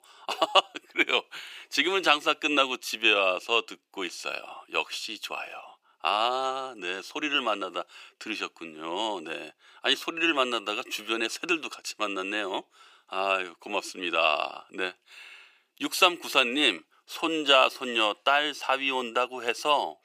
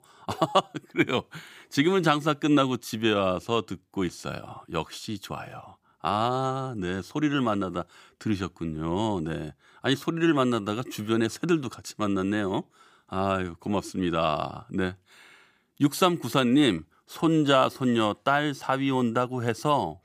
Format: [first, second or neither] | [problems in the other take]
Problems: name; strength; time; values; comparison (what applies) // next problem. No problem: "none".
second | thin; somewhat; fading below 400 Hz